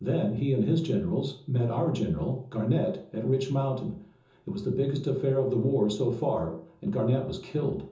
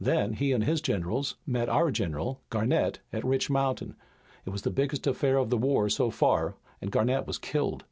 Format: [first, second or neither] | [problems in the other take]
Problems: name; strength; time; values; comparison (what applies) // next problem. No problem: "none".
second | room echo; dies away in 0.6 s